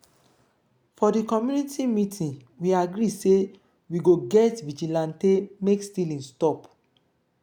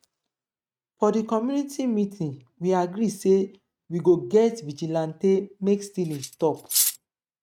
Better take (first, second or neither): first